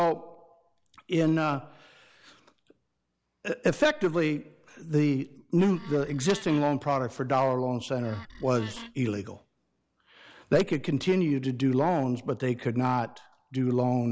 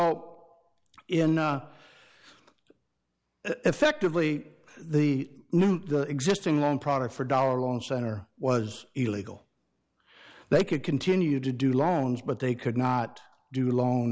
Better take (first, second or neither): second